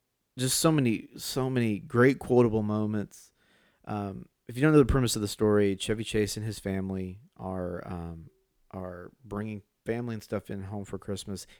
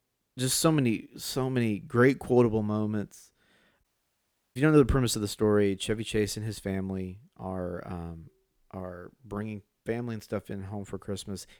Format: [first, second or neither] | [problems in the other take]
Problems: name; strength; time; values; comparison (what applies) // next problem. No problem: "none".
first | audio cutting out; at 4 s for 0.5 s